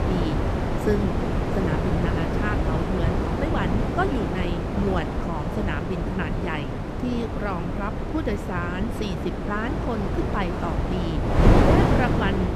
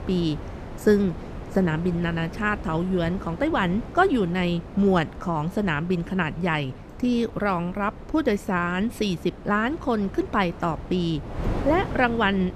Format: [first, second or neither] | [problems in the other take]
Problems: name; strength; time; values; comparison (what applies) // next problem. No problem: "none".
second | wind noise on the microphone; heavy; 2 dB above the speech; occasional gusts in the second